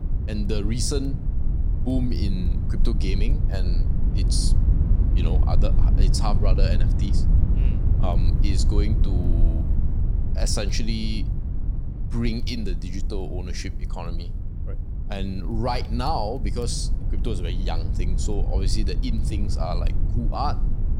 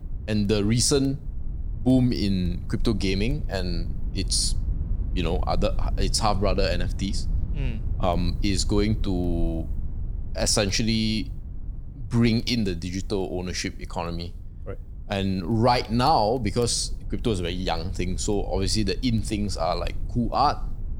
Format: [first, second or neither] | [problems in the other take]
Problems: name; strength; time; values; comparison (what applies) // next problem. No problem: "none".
second | low rumble; loud; throughout; 8 dB below the speech; faint in the second